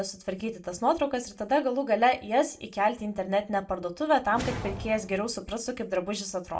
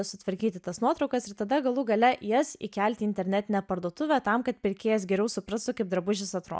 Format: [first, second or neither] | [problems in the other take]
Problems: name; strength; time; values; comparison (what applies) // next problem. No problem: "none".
second | background sound (Whoosh, swoosh, swish); 11 dB below the speech // room echo; dies away in 0.2 s